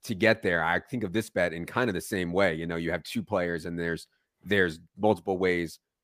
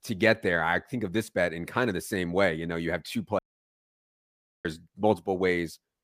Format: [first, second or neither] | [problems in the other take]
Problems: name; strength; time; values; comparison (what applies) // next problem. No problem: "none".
first | audio cutting out; at 3.5 s for 1.5 s